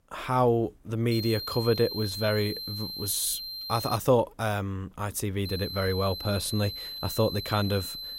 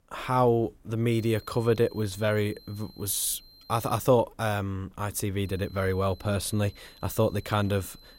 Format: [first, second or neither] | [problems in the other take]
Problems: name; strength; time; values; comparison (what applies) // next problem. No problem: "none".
second | high-pitched whine; loud; from 1 to 4 s and from 5.5 s on; 4 kHz, 7 dB below the speech; faint in the second